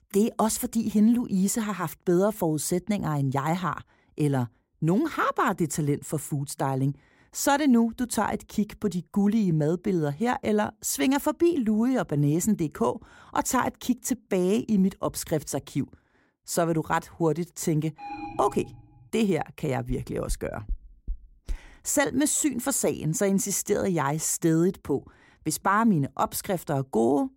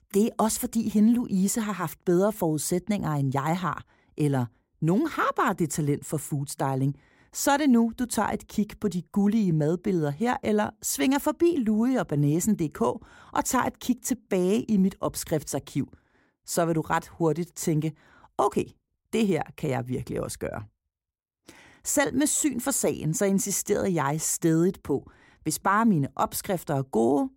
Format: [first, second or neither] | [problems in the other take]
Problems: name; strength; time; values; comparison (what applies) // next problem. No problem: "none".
second | alarm; faint; from 18 to 19 s; peak 10 dB below the speech // door banging; faint; from 20 to 22 s; peak 15 dB below the speech